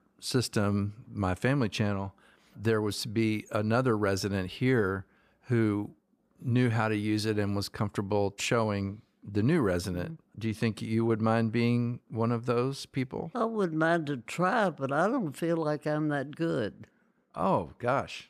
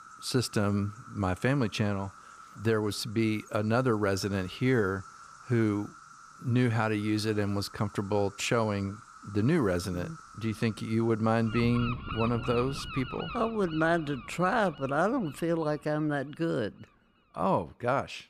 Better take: first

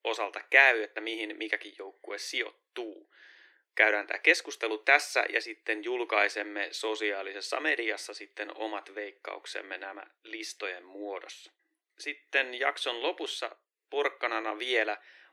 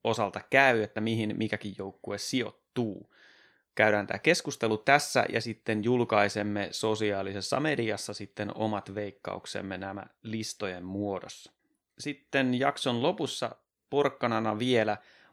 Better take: second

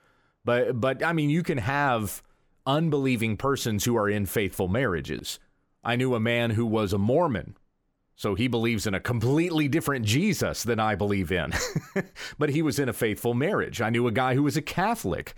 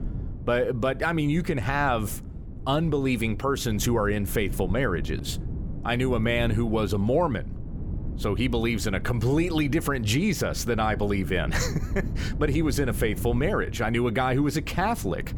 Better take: first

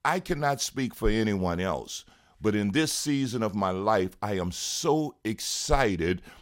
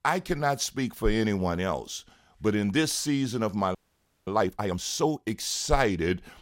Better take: first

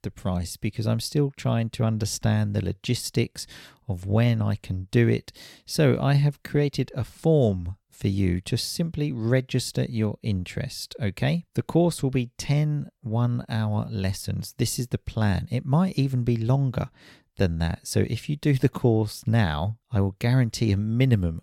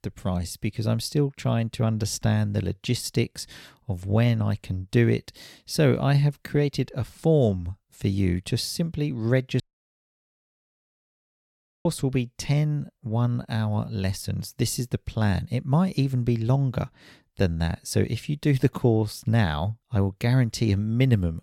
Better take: first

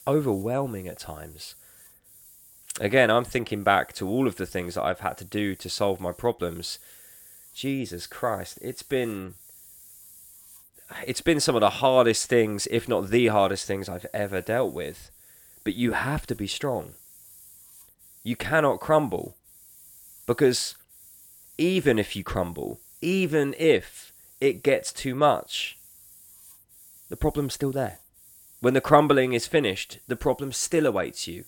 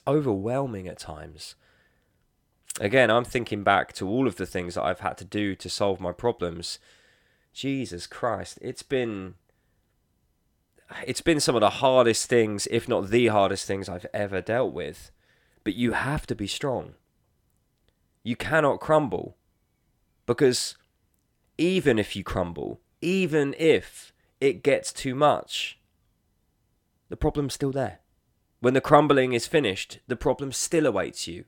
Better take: second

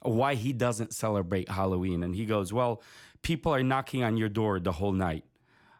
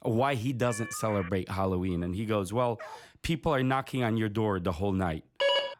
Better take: first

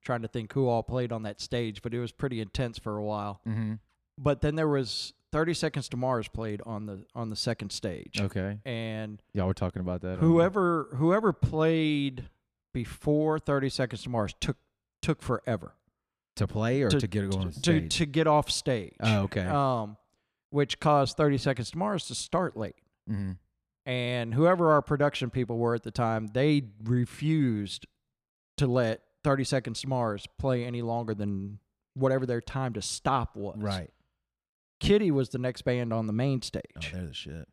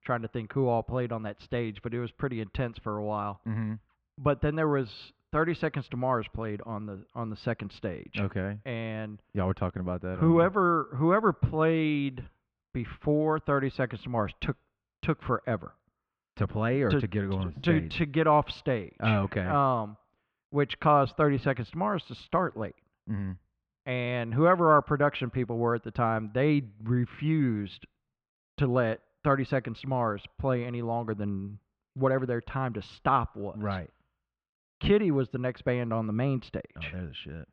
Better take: first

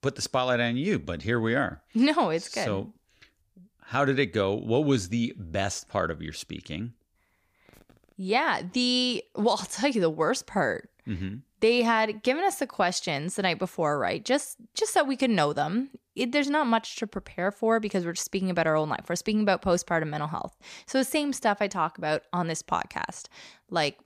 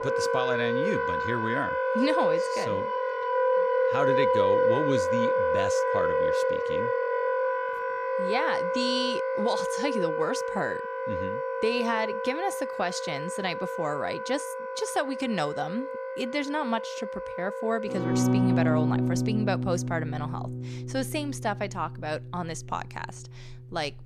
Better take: first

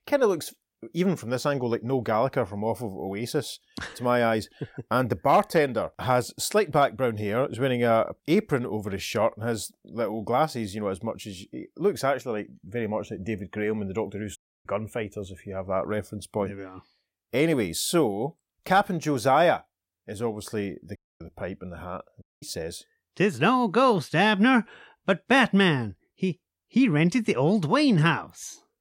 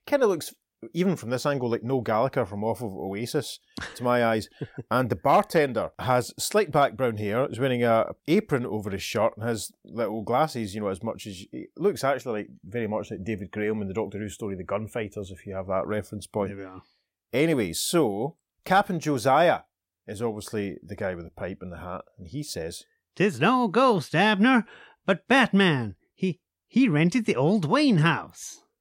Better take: second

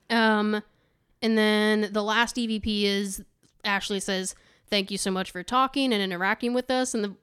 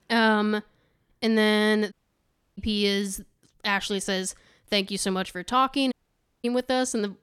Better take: first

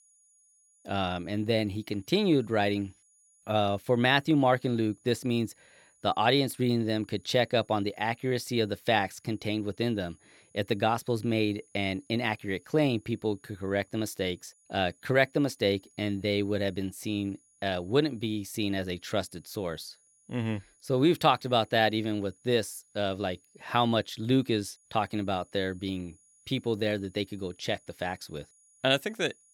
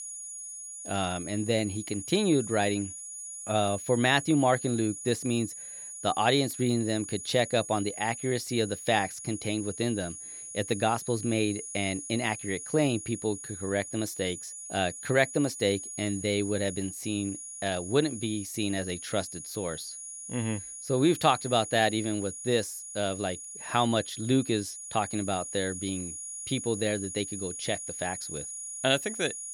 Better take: first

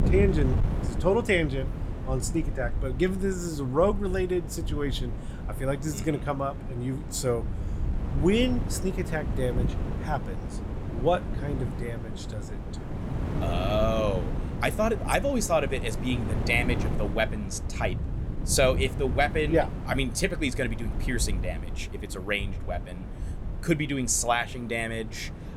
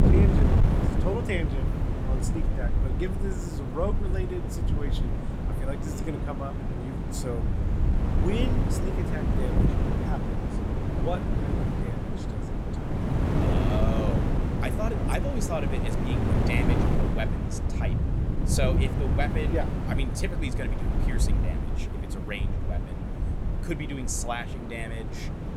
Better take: first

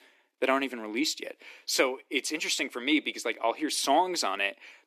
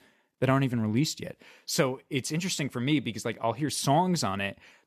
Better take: second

